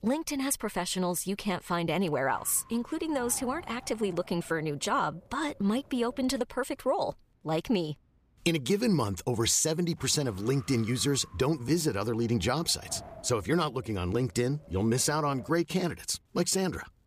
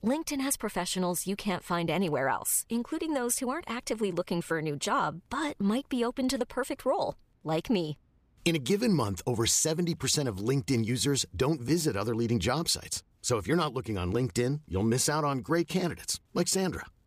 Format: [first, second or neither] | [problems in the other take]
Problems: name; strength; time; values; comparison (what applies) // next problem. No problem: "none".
second | wind noise on the microphone; occasional gusts; from 2.5 to 6.5 s and from 10 to 15 s; 20 dB below the speech